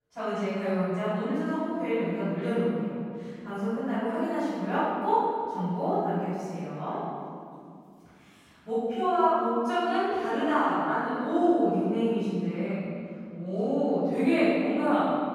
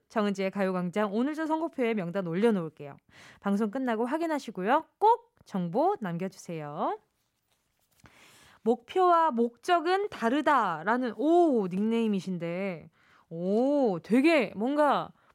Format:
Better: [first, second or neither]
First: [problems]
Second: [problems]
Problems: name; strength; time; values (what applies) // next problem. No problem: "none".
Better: second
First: room echo; strong; dies away in 2.3 s // off-mic speech; far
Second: none